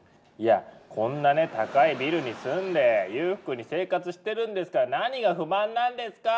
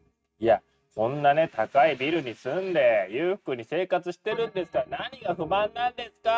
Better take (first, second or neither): first